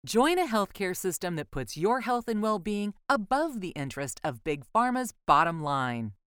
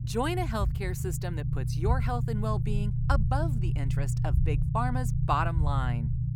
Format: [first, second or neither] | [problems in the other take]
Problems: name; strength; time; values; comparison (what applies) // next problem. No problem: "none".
first | low rumble; loud; throughout; 9 dB below the speech